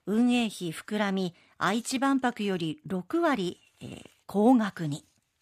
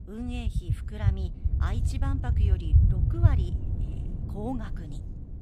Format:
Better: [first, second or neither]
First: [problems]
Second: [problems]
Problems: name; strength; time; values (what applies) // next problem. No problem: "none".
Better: first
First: none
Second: low rumble; loud; throughout; 2 dB below the speech